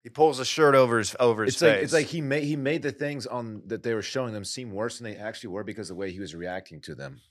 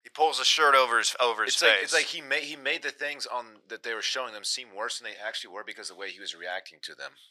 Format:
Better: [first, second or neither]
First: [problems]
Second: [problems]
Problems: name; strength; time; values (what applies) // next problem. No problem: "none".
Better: first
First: none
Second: thin; very; fading below 950 Hz